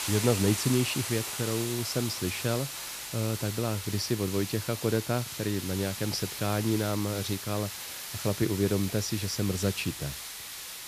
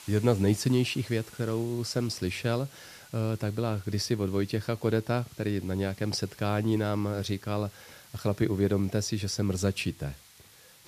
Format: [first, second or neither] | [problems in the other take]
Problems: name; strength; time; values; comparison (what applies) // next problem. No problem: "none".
second | hiss; loud; throughout; 5 dB below the speech; faint in the second